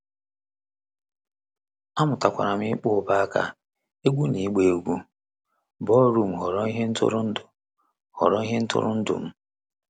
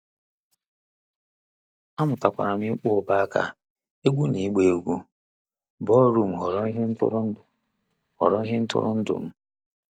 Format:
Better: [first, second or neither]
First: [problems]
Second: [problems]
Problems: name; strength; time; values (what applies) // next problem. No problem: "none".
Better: first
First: none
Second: noise reduction (neural mask model DeepFilterNet 3)